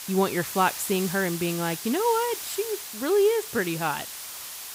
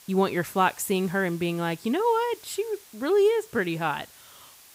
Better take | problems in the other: second | hiss; loud; throughout; 8 dB below the speech; faint in the second

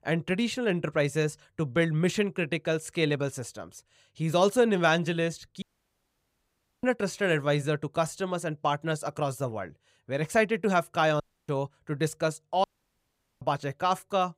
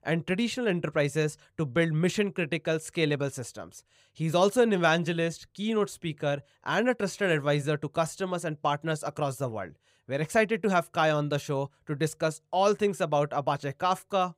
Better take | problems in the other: second | audio cutting out; at 5.5 s for 1 s, at 11 s and at 13 s for 1 s

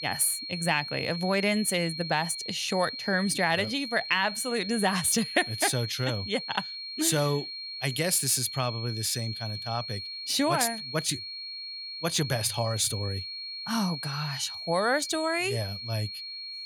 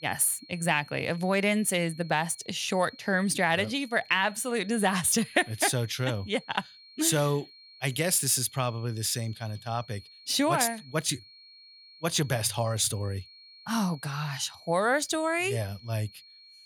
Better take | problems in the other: second | high-pitched whine; loud; throughout; 4.5 kHz, 7 dB below the speech; faint in the second

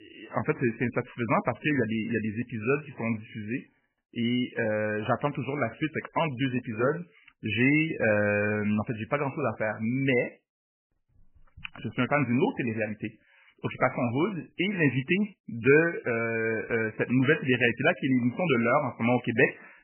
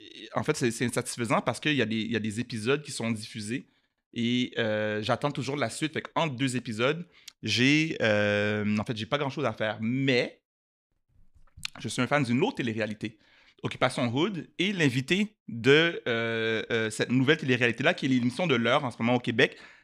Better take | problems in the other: second | garbled, watery; badly; nothing above 3 kHz

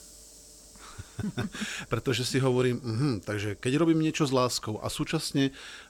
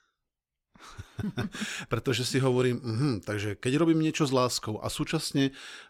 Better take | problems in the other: second | hiss; faint; throughout; 25 dB below the speech

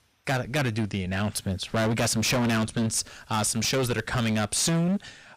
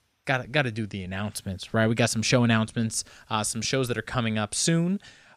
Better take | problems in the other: second | distortion; heavy; 22% of the sound clipped

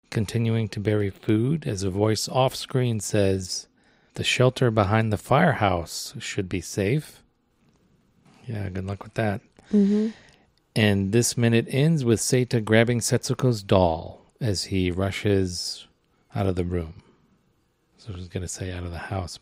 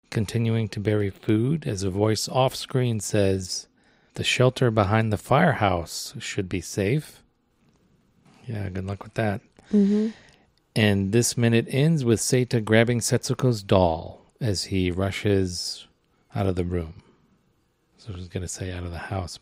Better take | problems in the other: neither | none

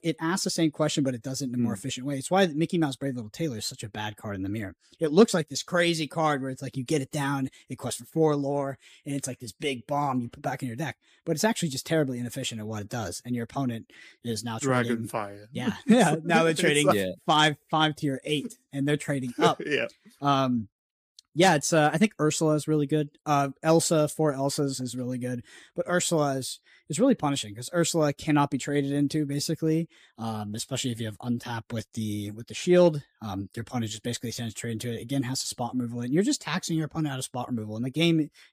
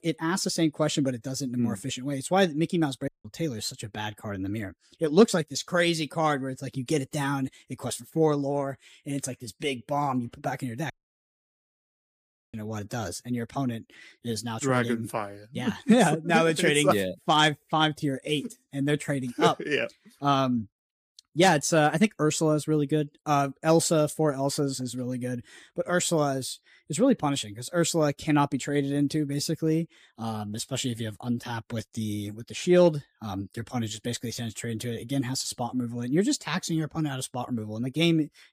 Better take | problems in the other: first | audio cutting out; at 3 s and at 11 s for 1.5 s

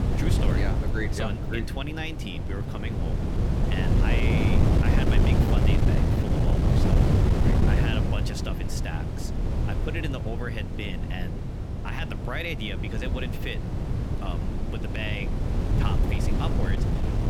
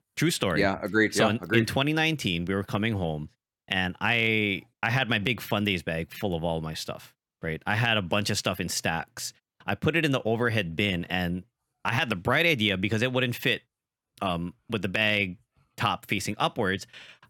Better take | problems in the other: second | wind noise on the microphone; heavy; 1 dB above the speech

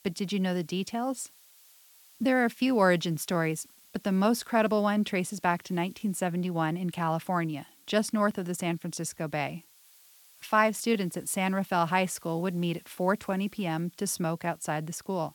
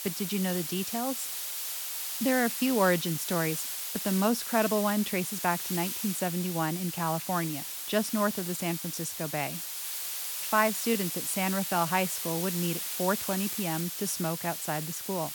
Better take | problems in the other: first | hiss; loud; throughout; 3 dB below the speech; faint in the first

